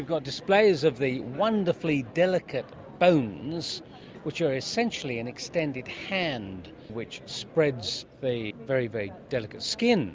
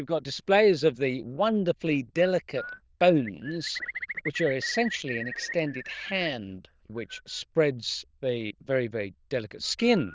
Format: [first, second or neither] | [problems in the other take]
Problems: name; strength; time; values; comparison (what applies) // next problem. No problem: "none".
first | noise reduction (neural diffusion model UNIVERSE++)